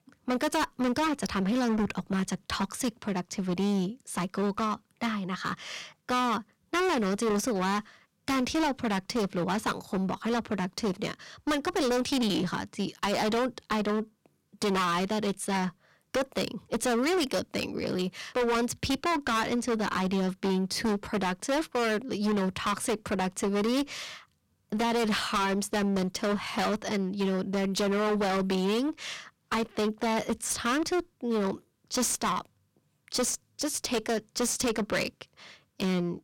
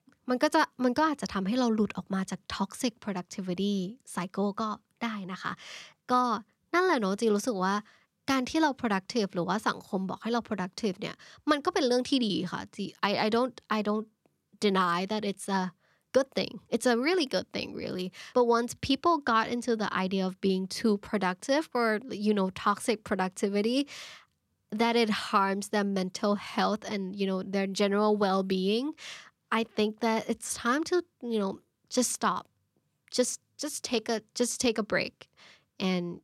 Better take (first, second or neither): second